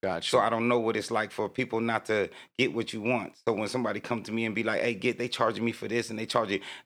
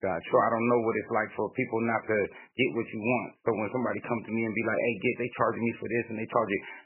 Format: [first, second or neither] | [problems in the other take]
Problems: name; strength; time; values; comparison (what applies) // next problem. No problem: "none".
first | garbled, watery; badly; nothing above 2.5 kHz